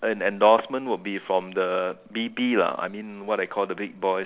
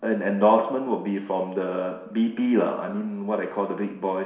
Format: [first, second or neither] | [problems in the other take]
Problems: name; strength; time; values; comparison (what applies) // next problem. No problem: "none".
first | room echo; dies away in 0.7 s